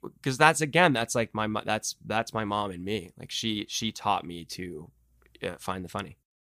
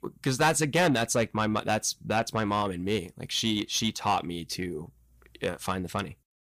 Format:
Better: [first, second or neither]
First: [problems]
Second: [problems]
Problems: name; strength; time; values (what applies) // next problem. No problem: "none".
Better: first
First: none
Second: distortion; heavy; 7 dB below the speech